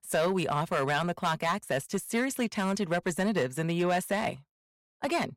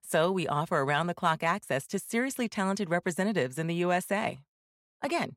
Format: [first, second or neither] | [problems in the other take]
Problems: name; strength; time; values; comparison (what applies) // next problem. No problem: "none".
second | distortion; slight; 4% of the sound clipped